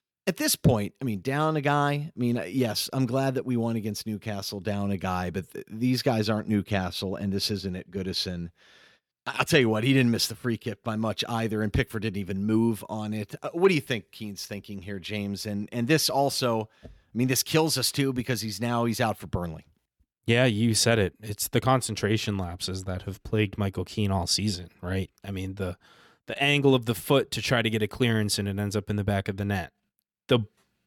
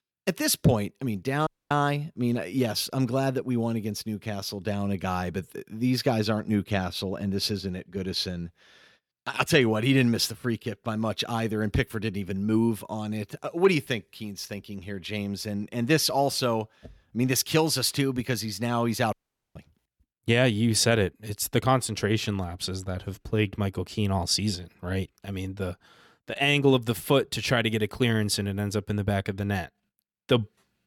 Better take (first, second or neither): first